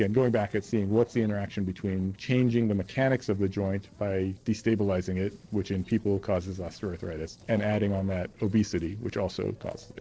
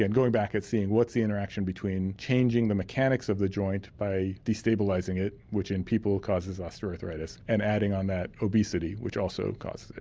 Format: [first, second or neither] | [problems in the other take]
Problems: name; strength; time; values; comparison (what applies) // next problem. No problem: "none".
second | noise reduction (neural separator model SepFormer DNS4)